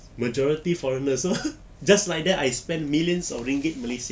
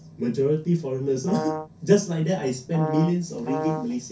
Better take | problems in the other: first | background sound (Brass instrument); 7 dB below the speech // room echo; dies away in 0.3 s

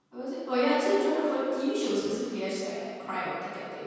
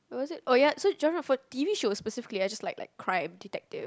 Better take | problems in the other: second | room echo; dies away in 2.1 s

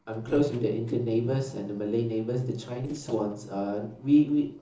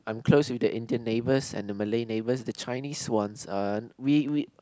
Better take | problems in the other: second | noise reduction (neural separator model SepFormer DNS4)

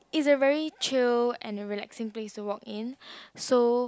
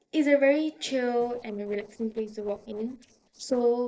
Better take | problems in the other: first | noise reduction (neural separator model SepFormer DNS4)

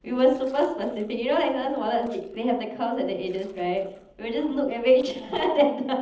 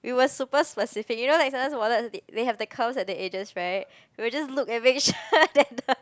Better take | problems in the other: second | noise reduction (neural separator model SepFormer DNS4)

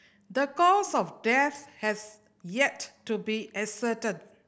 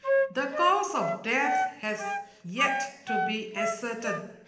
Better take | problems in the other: first | background sound (Wind instrument, woodwind instrument); as loud as the speech // room echo; dies away in 0.8 s

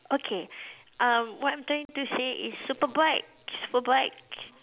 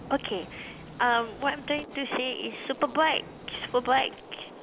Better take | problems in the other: first | background sound (Gunshot, gunfire); 15 dB below the speech

